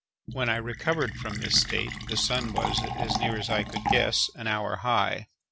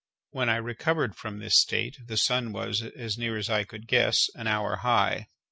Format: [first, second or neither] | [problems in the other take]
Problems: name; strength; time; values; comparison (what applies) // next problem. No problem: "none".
second | background sound (Fill (with liquid)); 5 dB below the speech